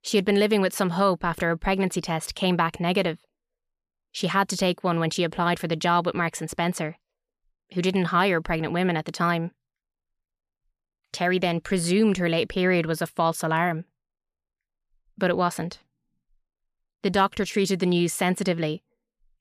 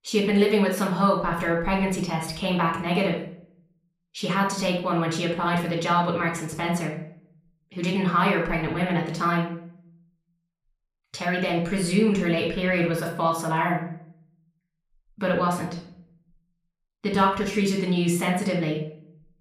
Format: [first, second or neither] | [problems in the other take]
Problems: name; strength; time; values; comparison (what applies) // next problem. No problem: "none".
first | off-mic speech; far // room echo; slight; dies away in 0.5 s